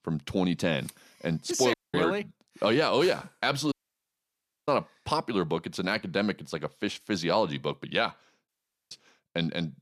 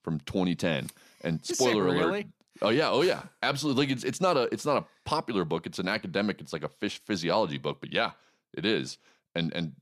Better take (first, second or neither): second